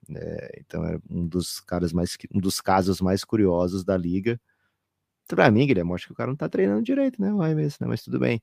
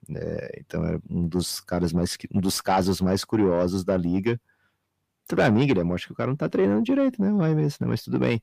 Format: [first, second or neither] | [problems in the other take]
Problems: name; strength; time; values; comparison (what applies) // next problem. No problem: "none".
first | distortion; slight; 10 dB below the speech